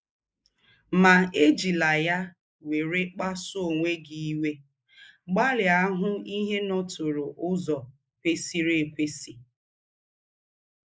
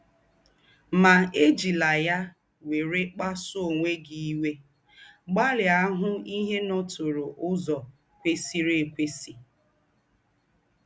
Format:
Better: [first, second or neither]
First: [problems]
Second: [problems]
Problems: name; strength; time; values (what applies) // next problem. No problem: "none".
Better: second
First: noise reduction (neural mask model Resemble Enhance denoiser)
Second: none